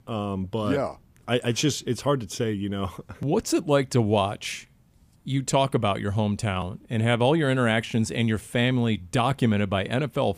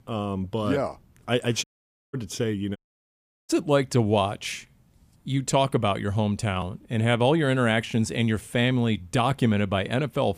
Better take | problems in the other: first | audio cutting out; at 1.5 s and at 3 s for 0.5 s

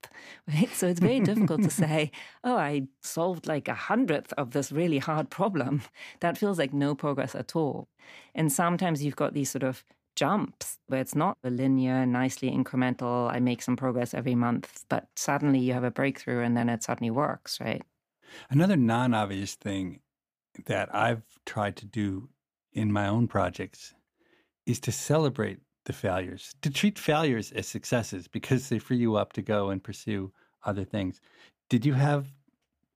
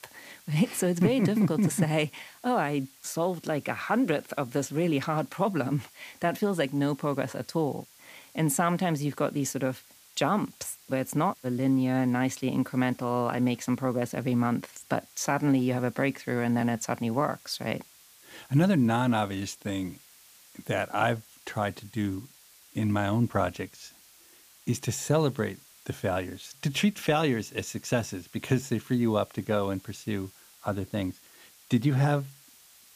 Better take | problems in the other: first | hiss; faint; throughout; 25 dB below the speech

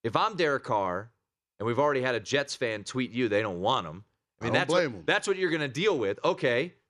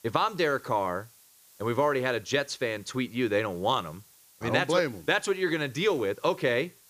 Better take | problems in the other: first | hiss; faint; throughout; 25 dB below the speech

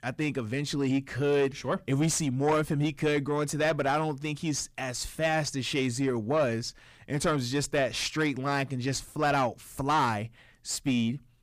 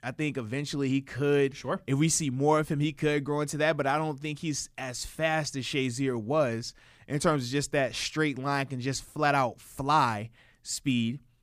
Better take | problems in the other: second | distortion; slight; 10 dB below the speech

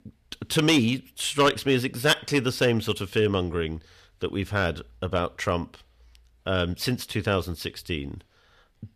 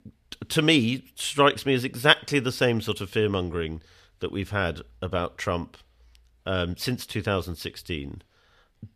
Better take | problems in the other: second | distortion; slight; 1.2% of the sound clipped

